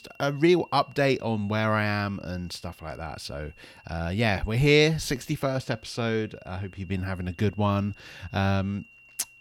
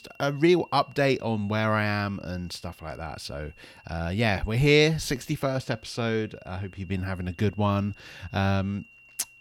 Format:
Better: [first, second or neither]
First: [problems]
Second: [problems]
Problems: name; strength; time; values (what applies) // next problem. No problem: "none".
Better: neither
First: high-pitched whine; faint; throughout; 3 kHz, 25 dB below the speech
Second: high-pitched whine; faint; throughout; 3 kHz, 25 dB below the speech